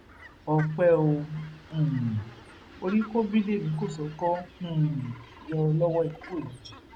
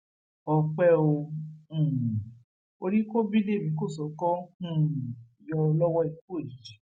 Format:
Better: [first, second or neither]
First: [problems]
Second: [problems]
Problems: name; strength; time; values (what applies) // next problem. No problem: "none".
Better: second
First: background sound (Brass instrument + Fowl); 19 dB below the speech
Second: none